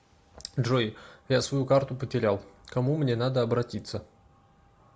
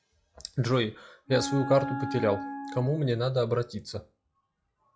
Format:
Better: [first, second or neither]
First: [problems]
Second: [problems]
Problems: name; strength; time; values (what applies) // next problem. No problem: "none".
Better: first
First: none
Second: noise reduction (classical method log-MMSE)